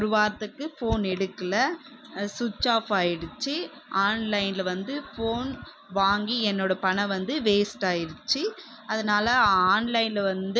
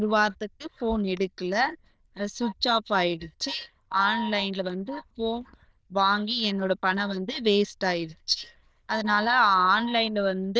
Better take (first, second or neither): first